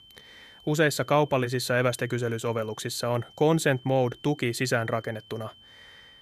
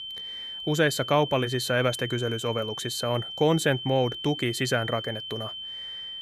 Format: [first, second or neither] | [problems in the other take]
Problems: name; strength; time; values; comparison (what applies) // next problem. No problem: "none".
first | high-pitched whine; loud; throughout; 3 kHz, 8 dB below the speech; faint in the first